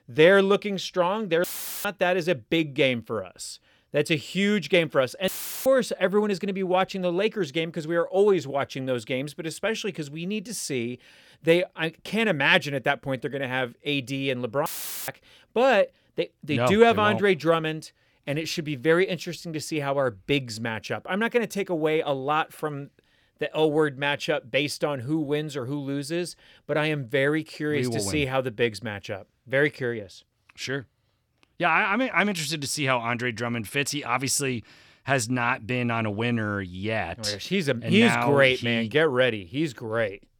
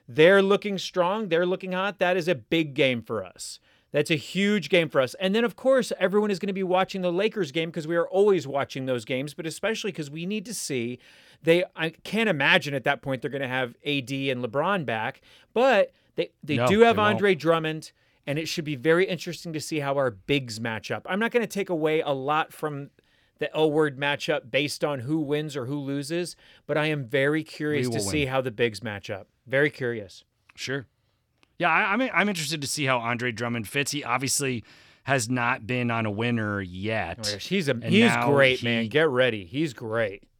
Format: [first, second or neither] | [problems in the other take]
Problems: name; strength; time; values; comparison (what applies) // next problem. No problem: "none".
second | audio cutting out; filled with static; at 1.5 s, at 5.5 s and at 15 s